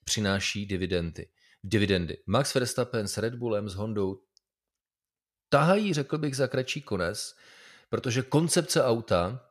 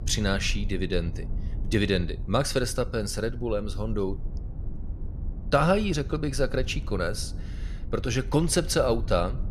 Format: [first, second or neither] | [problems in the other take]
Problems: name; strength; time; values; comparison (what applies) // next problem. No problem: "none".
first | low rumble; faint; throughout; 20 dB below the speech